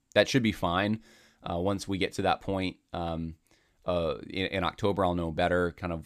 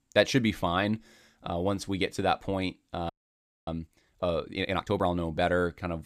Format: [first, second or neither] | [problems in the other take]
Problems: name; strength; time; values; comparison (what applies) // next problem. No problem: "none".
first | audio freezing; at 3 s for 0.5 s